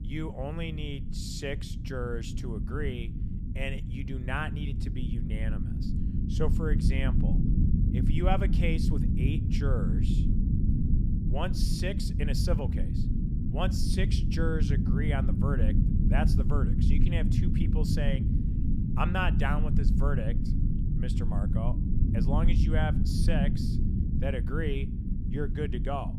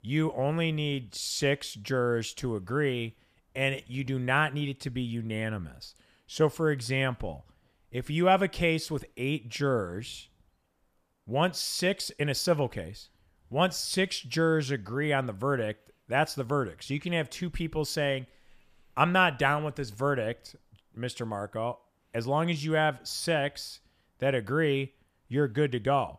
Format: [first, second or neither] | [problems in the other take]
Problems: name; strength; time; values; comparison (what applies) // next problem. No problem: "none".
second | low rumble; loud; throughout; 4 dB below the speech